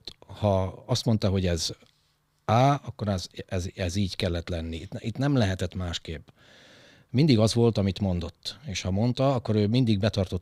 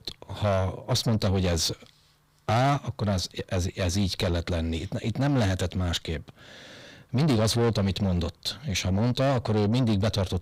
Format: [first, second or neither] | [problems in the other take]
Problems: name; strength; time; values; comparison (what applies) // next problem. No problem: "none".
first | distortion; heavy; 7 dB below the speech